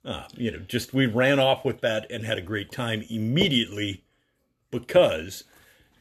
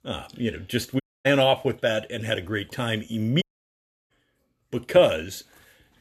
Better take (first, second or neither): first